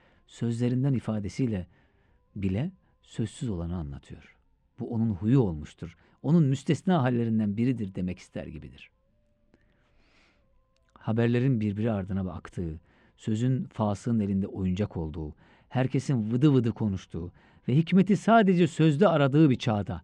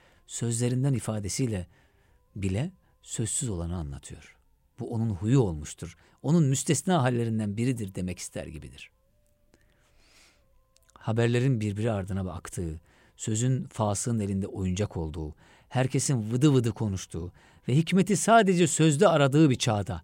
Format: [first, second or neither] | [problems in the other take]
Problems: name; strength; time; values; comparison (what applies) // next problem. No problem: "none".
second | muffled; slightly; fading above 3.5 kHz